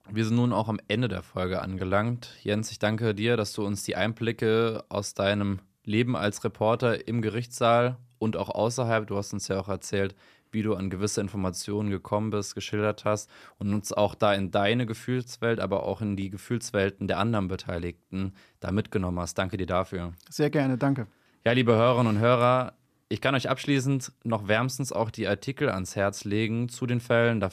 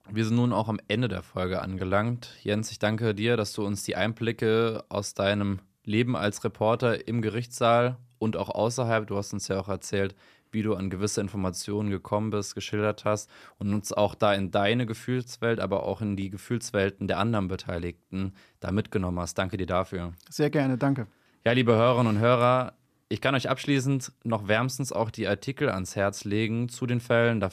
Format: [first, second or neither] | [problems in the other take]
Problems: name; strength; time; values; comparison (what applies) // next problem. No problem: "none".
neither | none